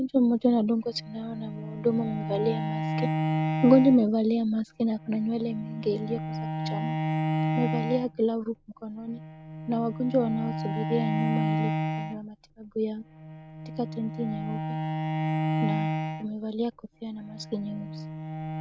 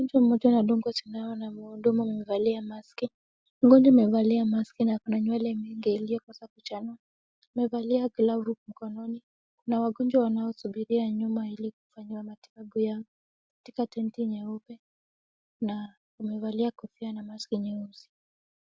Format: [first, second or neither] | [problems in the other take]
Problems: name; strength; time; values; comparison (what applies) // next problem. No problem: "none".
second | background sound (Bowed string instrument); 3 dB below the speech